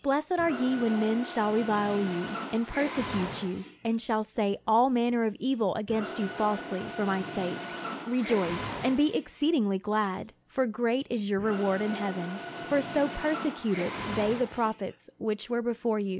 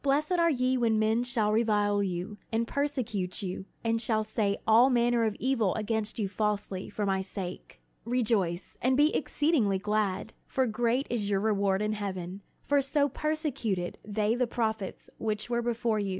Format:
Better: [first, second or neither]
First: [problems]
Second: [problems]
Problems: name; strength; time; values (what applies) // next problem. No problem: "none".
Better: second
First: background sound (Mechanisms); 11 dB below the speech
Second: none